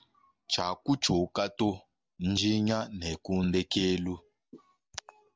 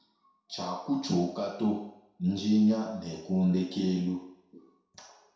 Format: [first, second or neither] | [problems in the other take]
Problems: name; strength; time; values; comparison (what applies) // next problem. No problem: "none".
first | room echo; dies away in 0.7 s